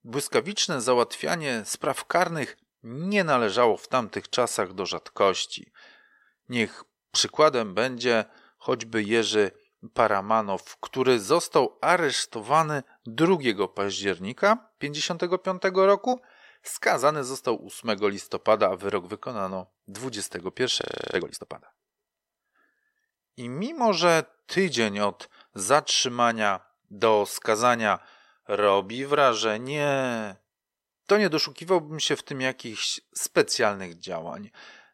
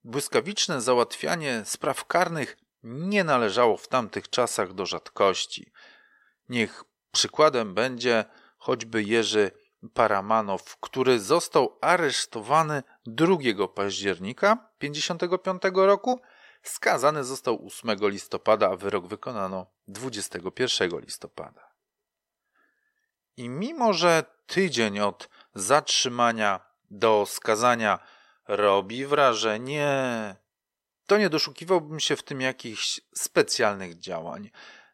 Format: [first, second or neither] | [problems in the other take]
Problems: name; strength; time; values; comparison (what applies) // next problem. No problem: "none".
second | audio freezing; at 21 s